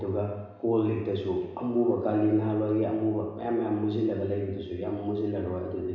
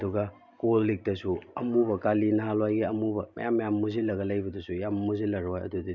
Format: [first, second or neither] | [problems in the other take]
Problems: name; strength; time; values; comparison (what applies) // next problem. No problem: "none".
second | room echo; dies away in 1 s